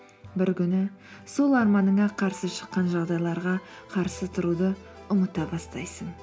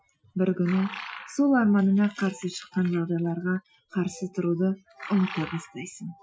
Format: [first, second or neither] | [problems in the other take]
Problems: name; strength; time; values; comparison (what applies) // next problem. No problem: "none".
first | noise reduction (classical method Wiener filter)